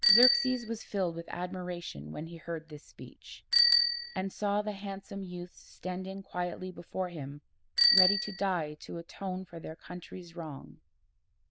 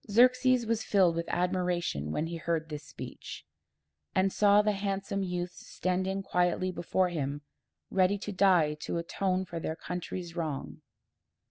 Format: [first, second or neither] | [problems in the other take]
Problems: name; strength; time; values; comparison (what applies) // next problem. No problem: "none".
second | noise reduction (neural diffusion model UNIVERSE++)